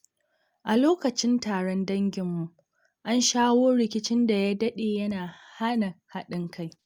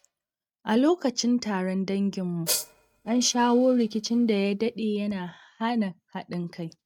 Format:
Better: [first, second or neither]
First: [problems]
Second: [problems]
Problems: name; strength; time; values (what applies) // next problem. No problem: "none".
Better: first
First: none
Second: noise reduction (neural mask model RNNoise)